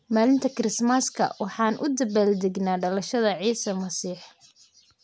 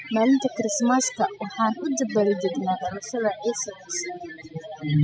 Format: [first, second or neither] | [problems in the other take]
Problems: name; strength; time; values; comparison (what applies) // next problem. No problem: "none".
first | noise reduction (classical method spectral subtraction)